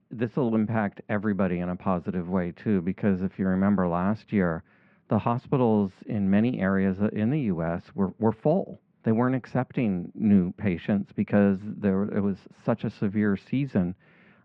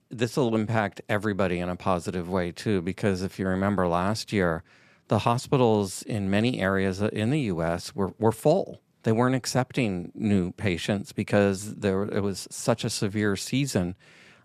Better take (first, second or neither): second